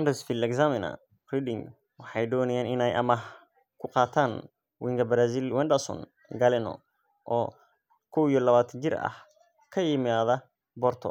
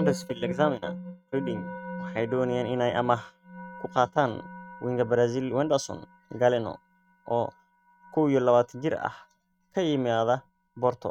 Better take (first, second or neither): first